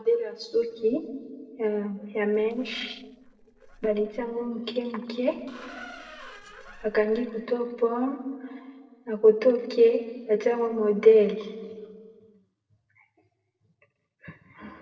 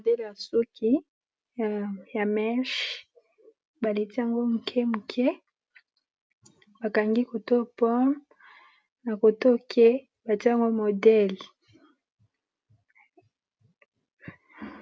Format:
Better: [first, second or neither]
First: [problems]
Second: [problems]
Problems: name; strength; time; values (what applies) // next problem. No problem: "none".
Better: second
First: noise reduction (neural separator model SepFormer DNS4)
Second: none